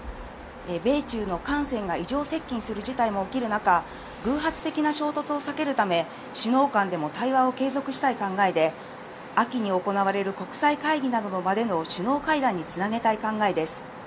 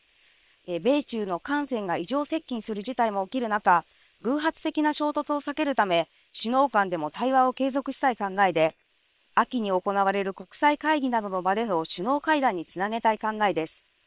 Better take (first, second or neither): first